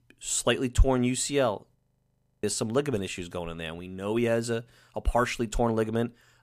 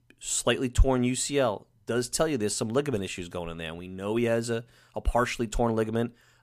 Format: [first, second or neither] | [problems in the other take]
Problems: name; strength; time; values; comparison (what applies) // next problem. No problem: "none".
second | audio freezing; at 2 s for 0.5 s